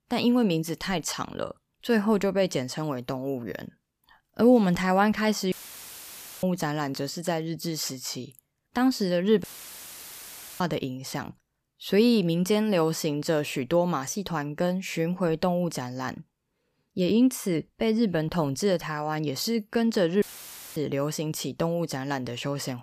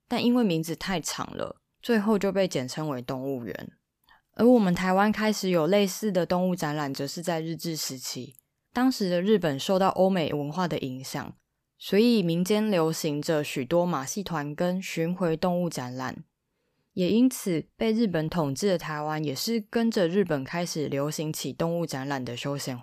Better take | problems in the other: second | audio cutting out; filled with static; at 5.5 s for 1 s, at 9.5 s for 1 s and at 20 s for 0.5 s

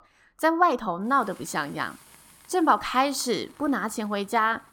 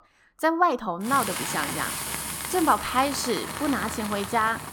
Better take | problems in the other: first | hiss; loud; from 1 s on; 5 dB below the speech; faint in the first

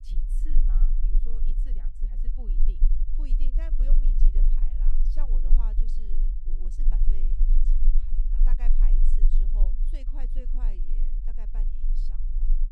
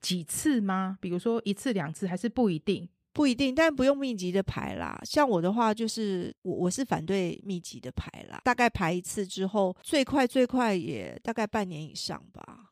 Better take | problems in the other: second | low rumble; loud; throughout; 2 dB below the speech

